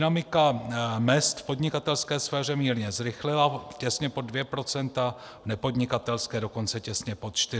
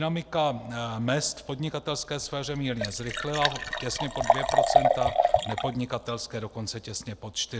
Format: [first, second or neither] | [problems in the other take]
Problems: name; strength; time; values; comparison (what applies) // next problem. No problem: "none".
first | background sound (Liquid); 2 dB above the speech